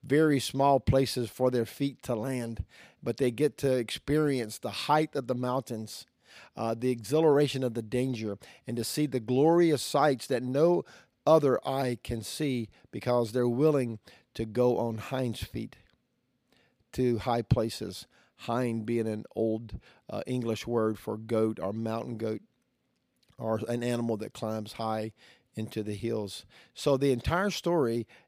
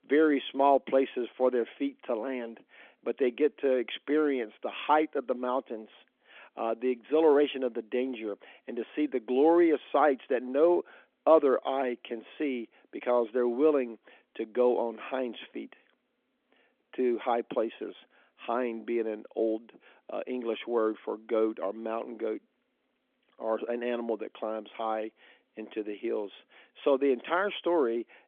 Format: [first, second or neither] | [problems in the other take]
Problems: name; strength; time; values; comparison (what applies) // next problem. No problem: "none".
first | phone-call audio; nothing above 3.5 kHz